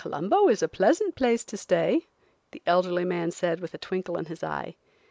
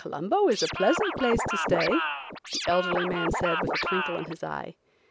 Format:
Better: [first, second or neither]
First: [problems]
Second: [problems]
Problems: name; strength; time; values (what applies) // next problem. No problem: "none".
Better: first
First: none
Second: background sound (Scratching (performance technique)); 2 dB below the speech